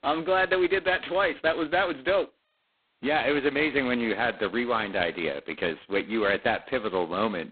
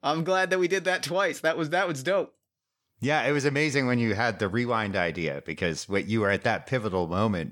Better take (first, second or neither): second